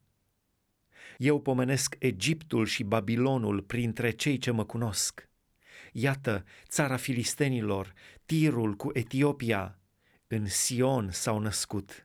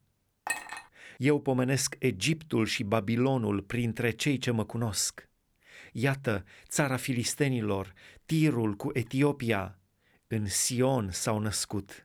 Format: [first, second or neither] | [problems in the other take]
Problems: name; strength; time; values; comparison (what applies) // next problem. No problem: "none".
first | clattering dishes; noticeable; at 0.5 s; peak 5 dB below the speech